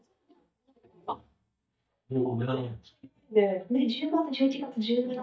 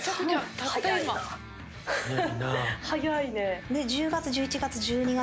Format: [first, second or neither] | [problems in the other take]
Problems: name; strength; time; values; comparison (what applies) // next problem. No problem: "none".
second | noise reduction (neural mask model DeepFilterNet 3)